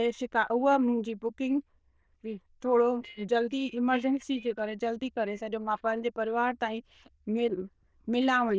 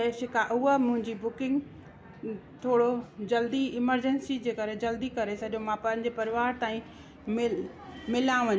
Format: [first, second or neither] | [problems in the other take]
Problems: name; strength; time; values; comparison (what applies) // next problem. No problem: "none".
second | noise reduction (neural diffusion model UNIVERSE++)